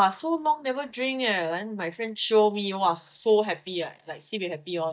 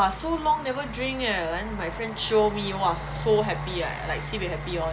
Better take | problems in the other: second | noise reduction (neural mask model DeepFilterNet 3)

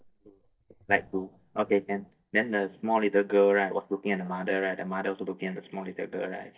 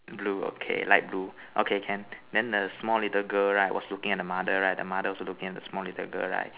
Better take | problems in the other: second | noise reduction (neural mask model DeepFilterNet 3)

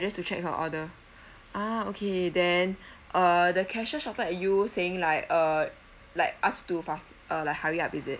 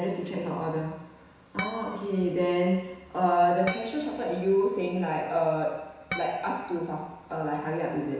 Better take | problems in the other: first | background sound (Harp); 13 dB below the speech // room echo; dies away in 1 s

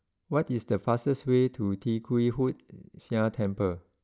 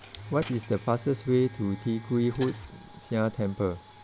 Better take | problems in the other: first | background sound (Domestic sounds, home sounds + Coin (dropping)); 15 dB below the speech

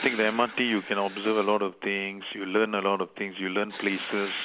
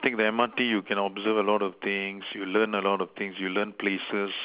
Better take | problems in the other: second | background sound (Writing); 15 dB below the speech

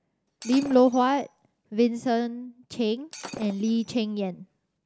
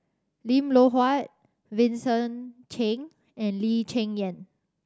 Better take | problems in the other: second | background sound (Shatter); 18 dB below the speech

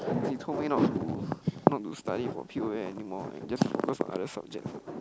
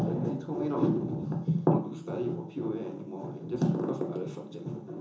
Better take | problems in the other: first | room echo; dies away in 0.7 s

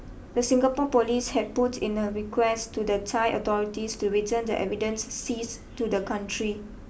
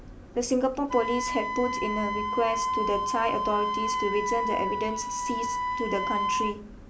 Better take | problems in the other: first | background sound (Wind instrument, woodwind instrument); 1 dB below the speech

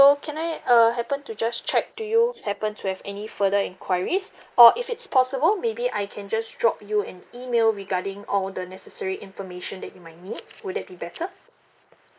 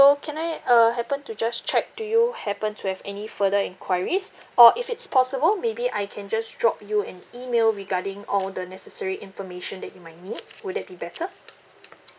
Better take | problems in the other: second | noise reduction (neural mask model Resemble Enhance denoiser)

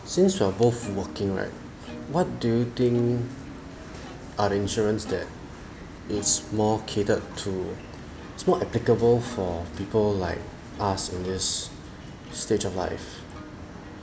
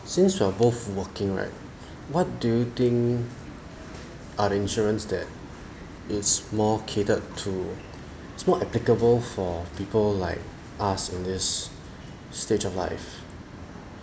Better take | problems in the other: second | background sound (Plucked string instrument); 18 dB below the speech

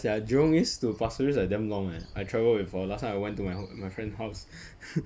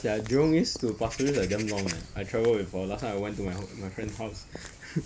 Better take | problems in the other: first | background sound (Walk, footsteps / Bird vocalization, bird call, bird song); 14 dB below the speech

